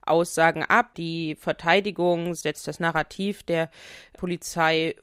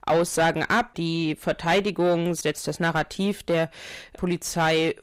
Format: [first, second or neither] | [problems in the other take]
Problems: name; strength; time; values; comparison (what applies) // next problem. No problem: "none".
first | distortion; heavy; 8 dB below the speech